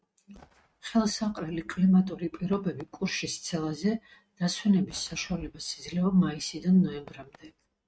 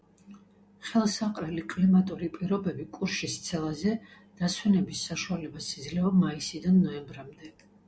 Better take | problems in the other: second | noise reduction (neural mask model RNNoise)

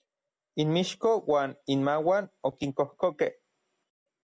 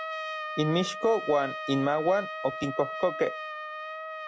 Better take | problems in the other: first | background sound (Trumpet); 7 dB below the speech

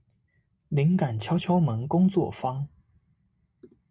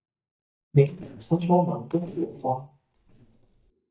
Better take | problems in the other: first | noise reduction (neural mask model DeepFilterNet 3)

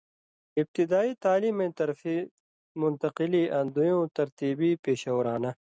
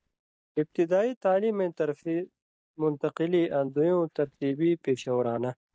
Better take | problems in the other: first | noise reduction (neural mask model DeepFilterNet 3)

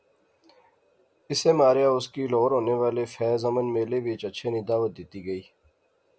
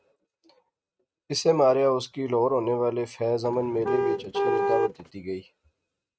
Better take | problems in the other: first | noise reduction (neural mask model RNNoise)

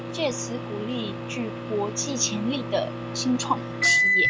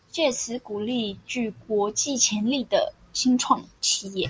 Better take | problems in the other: second | background sound (Microwave oven); 1 dB above the speech

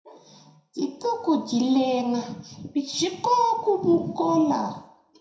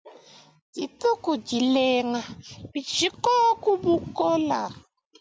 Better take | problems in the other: second | room echo; dies away in 0.6 s

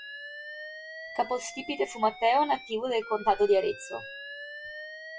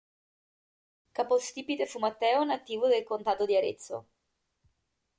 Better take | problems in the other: second | noise reduction (classical method WPE with log-MMSE)

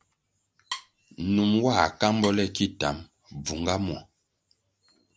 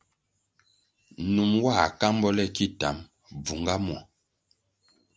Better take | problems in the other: second | background sound (Wood); 14 dB below the speech

